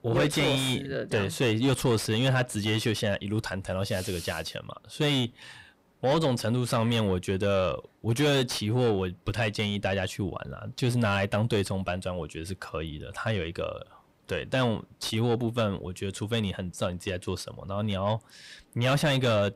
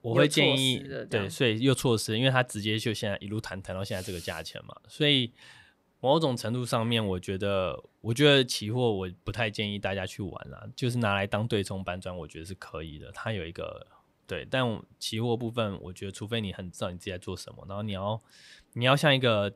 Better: second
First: distortion; heavy; 7 dB below the speech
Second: none

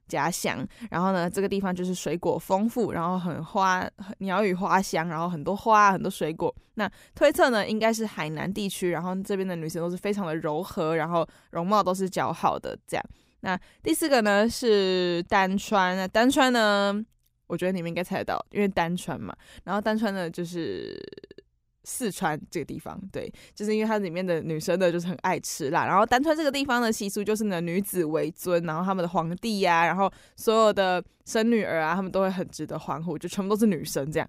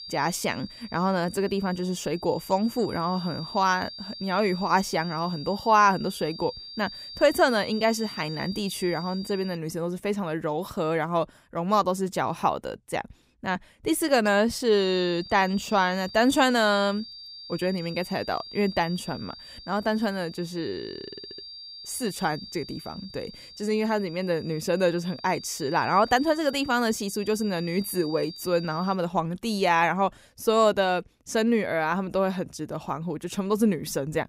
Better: first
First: none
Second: high-pitched whine; noticeable; until 9.5 s and from 15 to 29 s; 4.5 kHz, 15 dB below the speech

